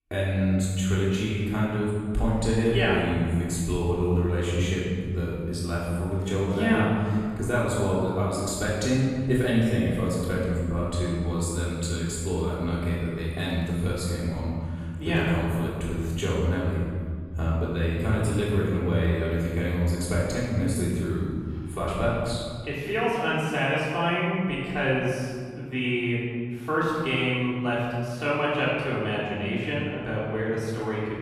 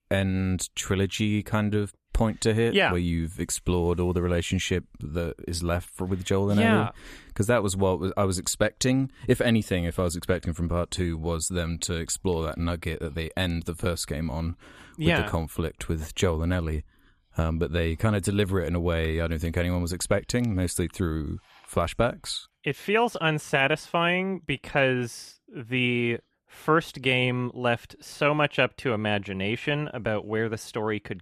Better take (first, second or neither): second